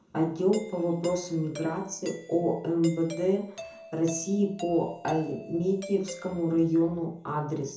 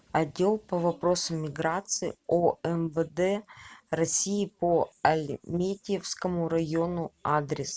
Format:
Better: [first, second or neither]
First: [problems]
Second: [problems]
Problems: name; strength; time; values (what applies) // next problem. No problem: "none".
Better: second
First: background sound (Doorbell); 17 dB below the speech // room echo; dies away in 0.5 s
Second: none